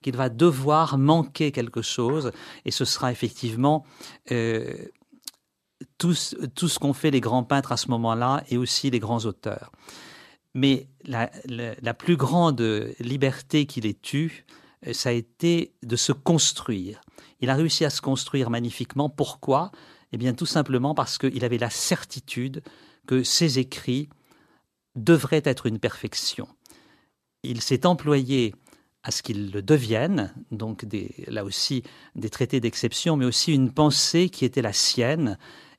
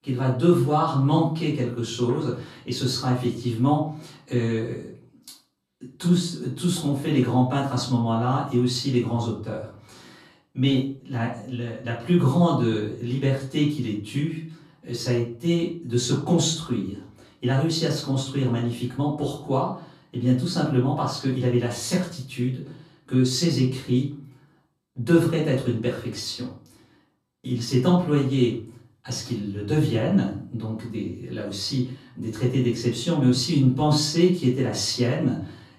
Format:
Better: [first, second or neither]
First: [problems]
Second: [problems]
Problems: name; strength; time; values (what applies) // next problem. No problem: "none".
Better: first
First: none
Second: off-mic speech; far // room echo; slight; dies away in 0.4 s